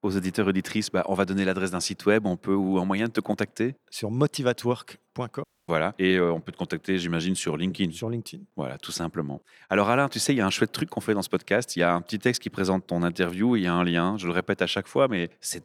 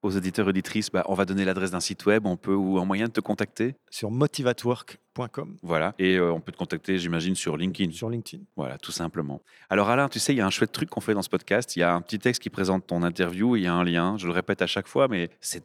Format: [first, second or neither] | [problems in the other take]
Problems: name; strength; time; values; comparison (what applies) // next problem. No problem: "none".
second | audio cutting out; at 5.5 s